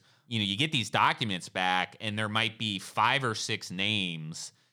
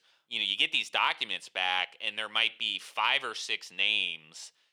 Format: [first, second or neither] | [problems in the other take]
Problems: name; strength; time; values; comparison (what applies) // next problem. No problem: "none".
first | thin; very; fading below 500 Hz